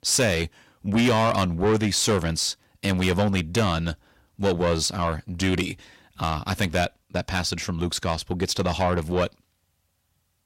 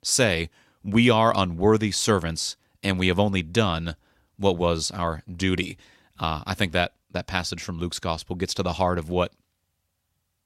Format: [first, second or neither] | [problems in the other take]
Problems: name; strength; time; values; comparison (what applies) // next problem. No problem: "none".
second | distortion; heavy; 8 dB below the speech